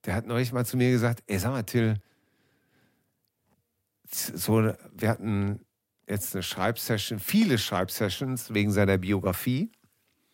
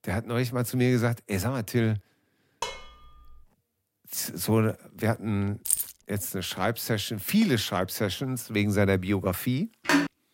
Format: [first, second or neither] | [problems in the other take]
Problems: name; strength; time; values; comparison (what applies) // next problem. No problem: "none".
first | clattering dishes; noticeable; at 2.5 s; peak 8 dB below the speech // jangling keys; loud; at 5.5 s; peak 1 dB above the speech // phone ringing; loud; at 10 s; peak 3 dB above the speech